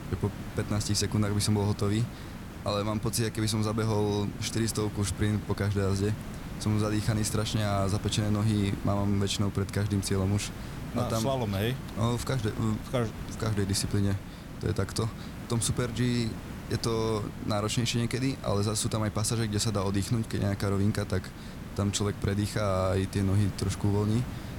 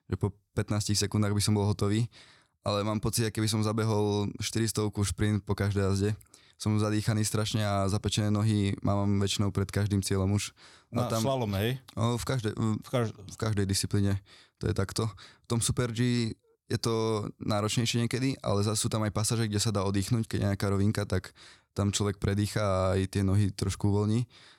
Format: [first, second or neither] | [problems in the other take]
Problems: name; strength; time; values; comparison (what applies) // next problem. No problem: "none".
second | hiss; noticeable; throughout; 10 dB below the speech